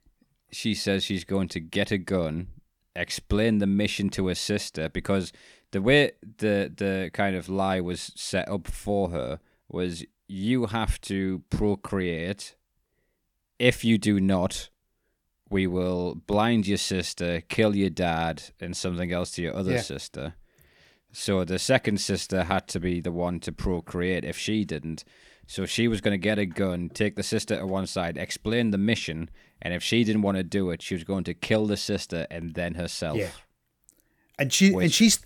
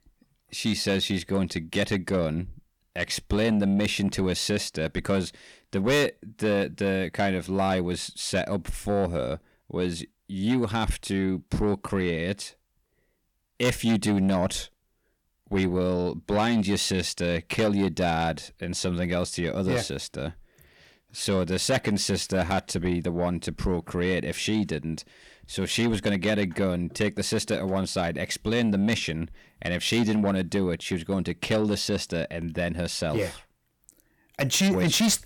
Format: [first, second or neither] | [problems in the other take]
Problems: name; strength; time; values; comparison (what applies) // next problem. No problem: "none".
first | distortion; slight; 10 dB below the speech